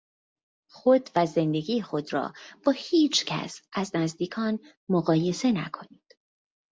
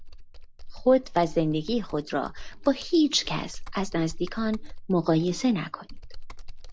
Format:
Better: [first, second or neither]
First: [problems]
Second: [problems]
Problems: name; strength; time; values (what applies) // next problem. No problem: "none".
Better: first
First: none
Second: background sound (Computer keyboard); 10 dB below the speech